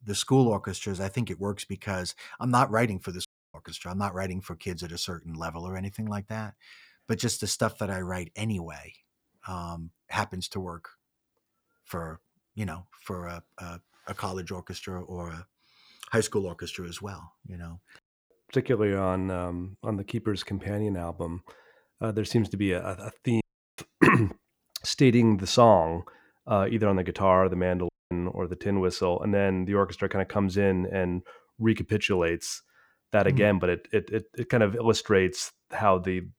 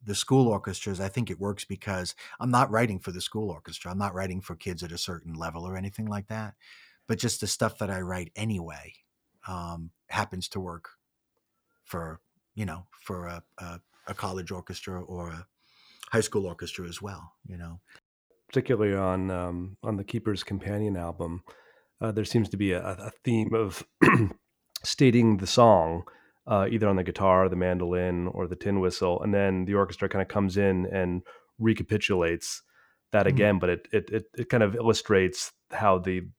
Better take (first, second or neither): second